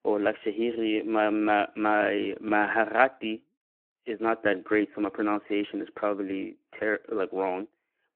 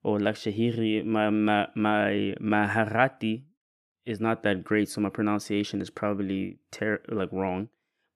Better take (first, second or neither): second